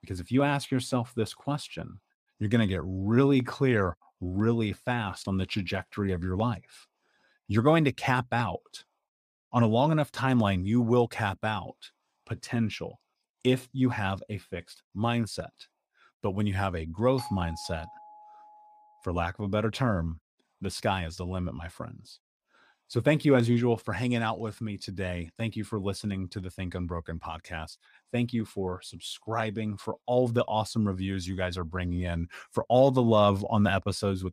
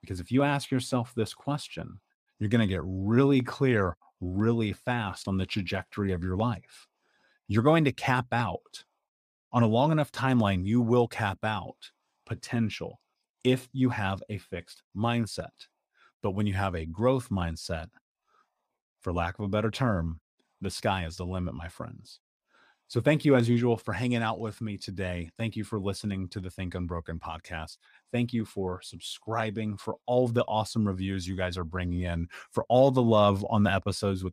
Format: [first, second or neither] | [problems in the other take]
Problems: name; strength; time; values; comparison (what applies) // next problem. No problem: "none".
second | doorbell; faint; from 17 to 19 s; peak 10 dB below the speech